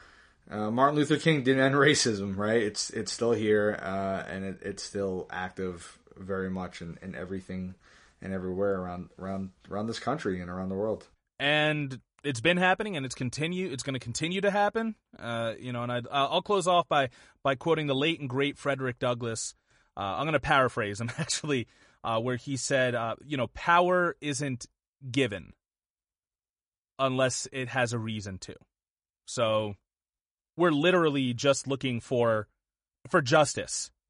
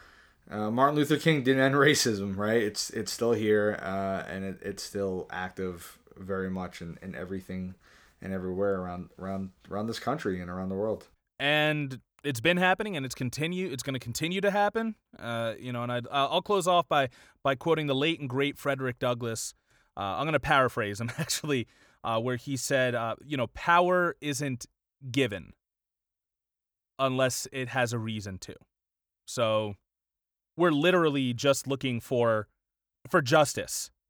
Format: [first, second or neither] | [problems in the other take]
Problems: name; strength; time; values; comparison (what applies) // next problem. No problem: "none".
second | garbled, watery; slightly; nothing above 10.5 kHz